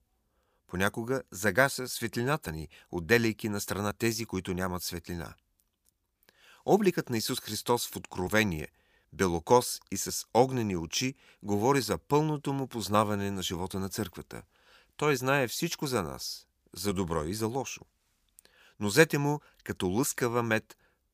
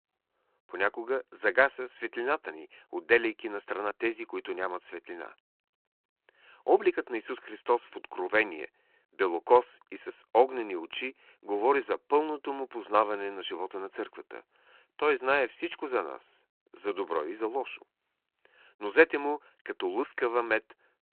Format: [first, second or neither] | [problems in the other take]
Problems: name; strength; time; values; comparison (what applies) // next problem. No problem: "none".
first | phone-call audio